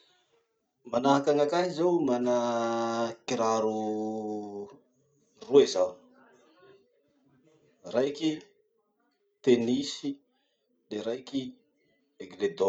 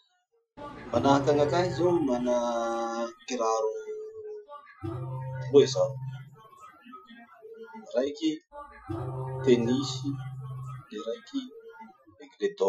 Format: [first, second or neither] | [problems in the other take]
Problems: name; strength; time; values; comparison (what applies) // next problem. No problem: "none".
first | noise reduction (classical method Wiener filter)